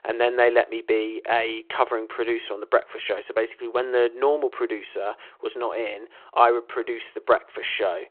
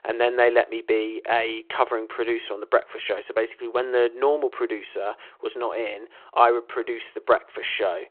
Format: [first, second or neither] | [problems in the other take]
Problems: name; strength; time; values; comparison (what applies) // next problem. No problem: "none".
neither | phone-call audio; the same in both